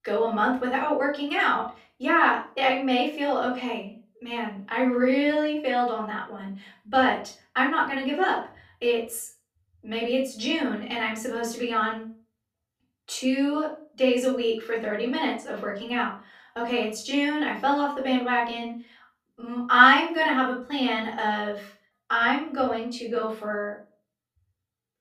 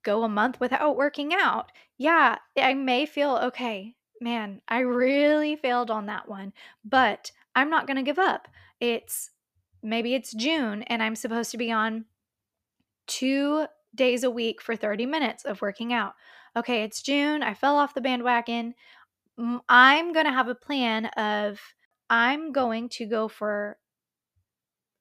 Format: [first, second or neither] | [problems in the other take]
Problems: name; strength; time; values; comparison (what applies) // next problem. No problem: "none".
second | off-mic speech; far // room echo; slight; dies away in 0.3 s